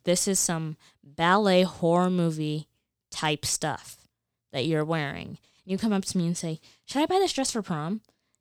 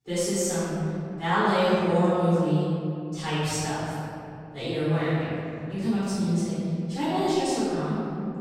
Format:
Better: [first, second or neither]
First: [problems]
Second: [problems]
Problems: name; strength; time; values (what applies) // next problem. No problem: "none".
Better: first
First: none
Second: off-mic speech; far // room echo; strong; dies away in 2.8 s